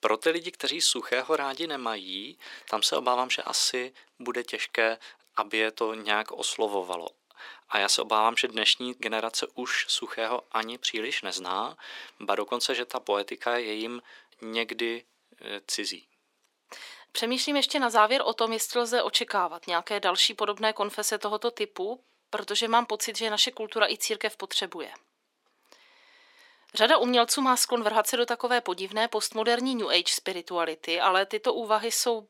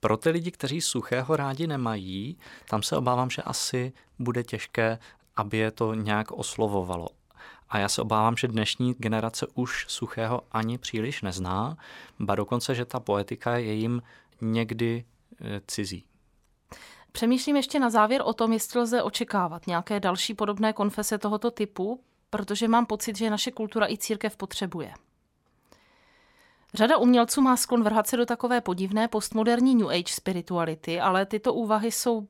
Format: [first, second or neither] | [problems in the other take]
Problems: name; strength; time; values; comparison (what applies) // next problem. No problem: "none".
second | thin; somewhat; fading below 300 Hz